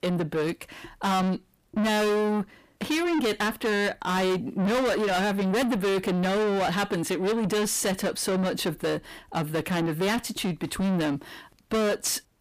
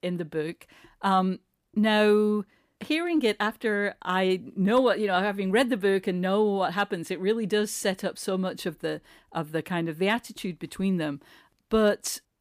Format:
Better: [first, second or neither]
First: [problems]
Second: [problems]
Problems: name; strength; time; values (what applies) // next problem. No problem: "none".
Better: second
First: distortion; heavy; 6 dB below the speech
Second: none